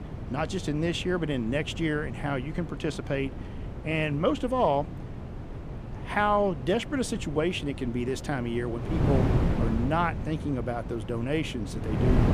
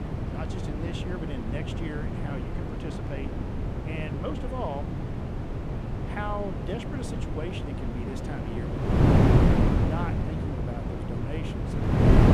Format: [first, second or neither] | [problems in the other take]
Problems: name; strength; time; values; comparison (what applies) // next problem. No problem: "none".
first | wind noise on the microphone; heavy; 4 dB above the speech; occasional gusts in the first